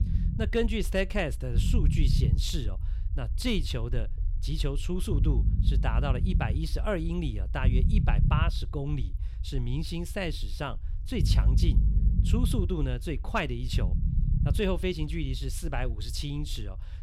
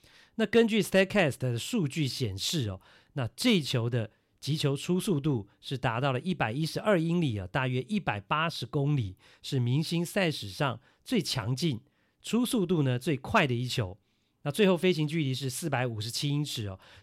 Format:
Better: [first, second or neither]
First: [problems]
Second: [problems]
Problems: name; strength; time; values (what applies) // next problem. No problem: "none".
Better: second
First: low rumble; loud; throughout; 10 dB below the speech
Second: none